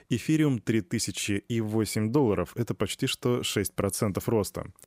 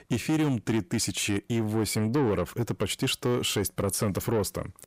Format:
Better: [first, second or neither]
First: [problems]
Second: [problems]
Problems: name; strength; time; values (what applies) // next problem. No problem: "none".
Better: first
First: none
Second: distortion; slight; 10 dB below the speech